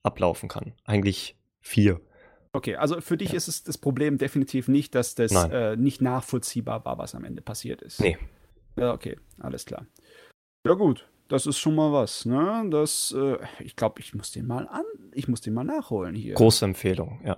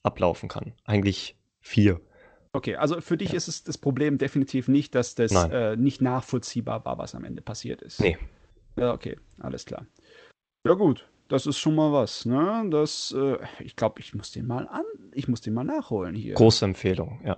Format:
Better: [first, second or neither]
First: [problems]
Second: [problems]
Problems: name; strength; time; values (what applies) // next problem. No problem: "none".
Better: first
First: none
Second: garbled, watery; slightly; nothing above 8 kHz